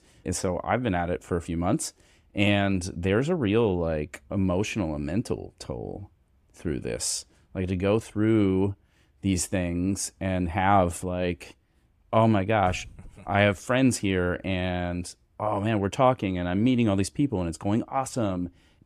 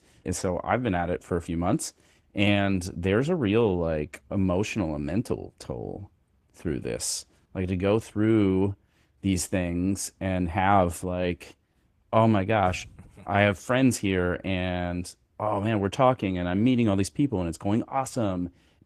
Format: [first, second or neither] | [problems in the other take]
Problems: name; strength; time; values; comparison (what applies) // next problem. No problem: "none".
first | garbled, watery; slightly